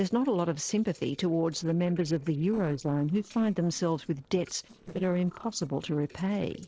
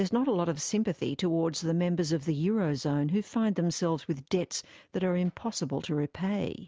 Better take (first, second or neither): second